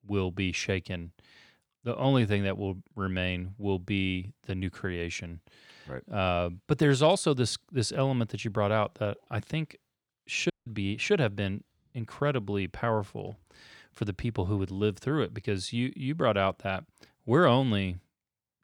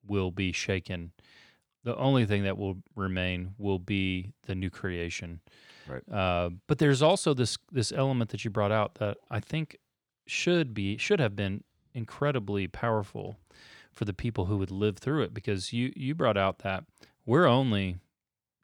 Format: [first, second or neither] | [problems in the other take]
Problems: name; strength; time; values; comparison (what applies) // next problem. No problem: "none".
second | audio cutting out; at 11 s